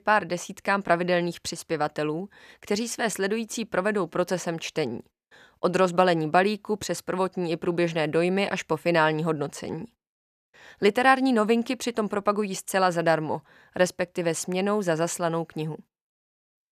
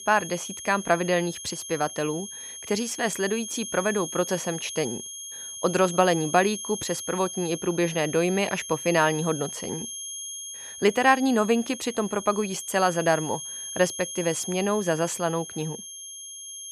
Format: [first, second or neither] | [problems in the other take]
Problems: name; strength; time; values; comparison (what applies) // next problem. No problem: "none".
first | high-pitched whine; loud; throughout; 6.5 kHz, 9 dB below the speech